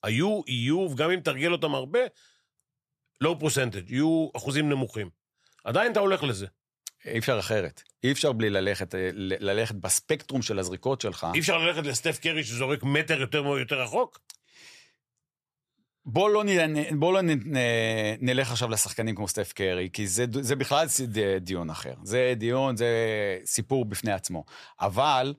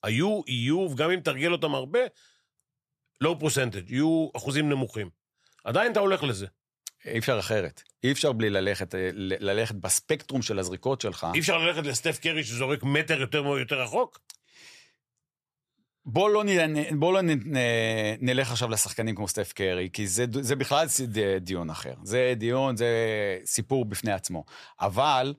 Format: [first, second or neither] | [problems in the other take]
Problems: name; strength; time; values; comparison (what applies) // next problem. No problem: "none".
neither | none